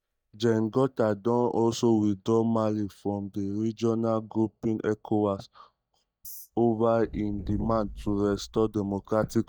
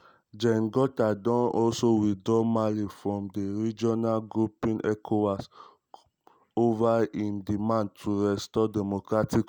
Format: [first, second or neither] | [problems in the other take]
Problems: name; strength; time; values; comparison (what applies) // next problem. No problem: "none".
second | noise reduction (neural mask model DeepFilterNet 3)